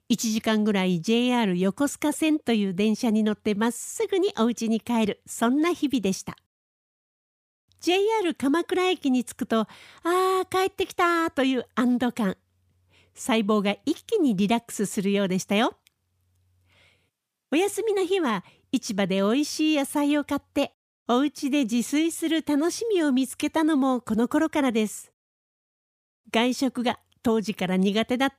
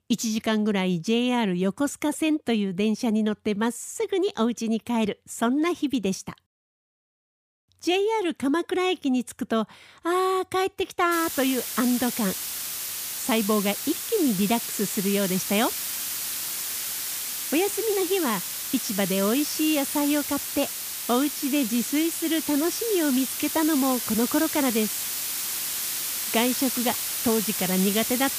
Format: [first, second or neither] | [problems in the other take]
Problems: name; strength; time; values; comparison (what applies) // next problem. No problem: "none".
first | hiss; loud; from 11 s on; 3 dB below the speech